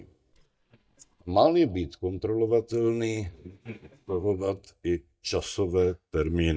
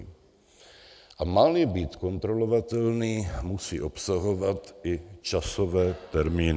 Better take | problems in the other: second | noise reduction (neural mask model DeepFilterNet 3)

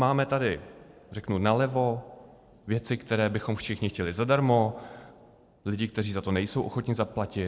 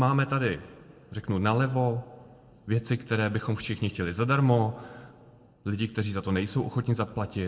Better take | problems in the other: first | room echo; dies away in 0.7 s

